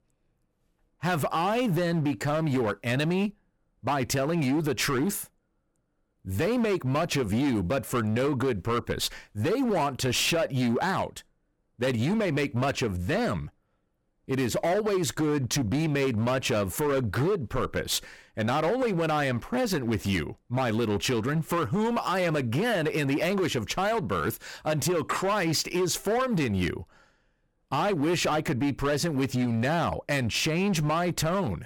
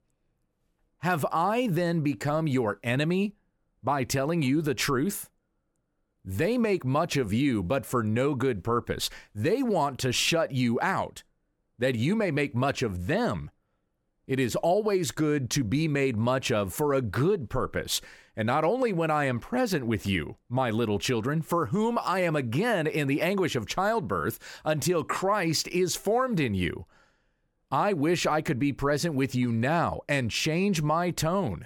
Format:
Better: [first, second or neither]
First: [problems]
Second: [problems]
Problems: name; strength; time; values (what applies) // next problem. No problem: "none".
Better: second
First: distortion; slight; 16% of the sound clipped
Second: none